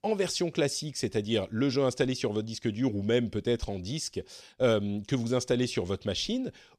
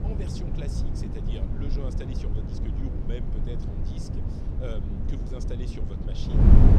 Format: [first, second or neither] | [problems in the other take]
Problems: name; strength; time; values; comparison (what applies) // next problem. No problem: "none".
first | wind noise on the microphone; heavy; 3 dB above the speech